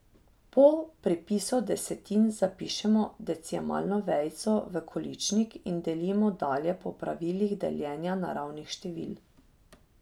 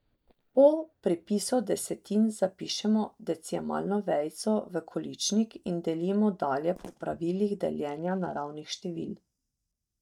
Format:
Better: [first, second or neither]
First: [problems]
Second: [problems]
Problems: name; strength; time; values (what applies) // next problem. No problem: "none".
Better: first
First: none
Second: noise reduction (neural mask model DeepFilterNet 3)